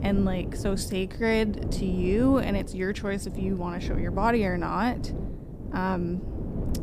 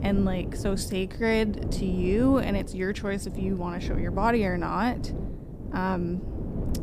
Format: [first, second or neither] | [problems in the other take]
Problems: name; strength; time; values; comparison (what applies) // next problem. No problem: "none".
neither | wind noise on the microphone; occasional gusts; 10 dB below the speech; the same in both